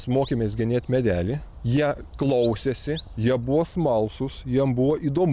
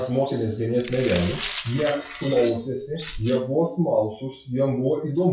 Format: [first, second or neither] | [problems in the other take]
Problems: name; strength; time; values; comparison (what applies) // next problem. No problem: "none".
first | noise reduction (classical method WPE with log-MMSE)